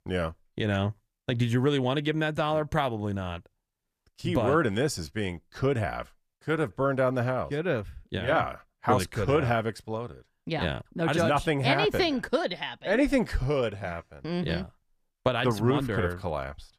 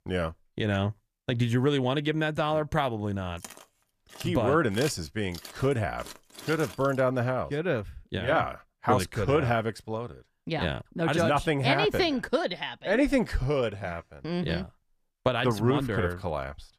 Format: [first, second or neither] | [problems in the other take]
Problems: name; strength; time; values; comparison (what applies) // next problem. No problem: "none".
first | footsteps; faint; from 3.5 to 7 s; peak 10 dB below the speech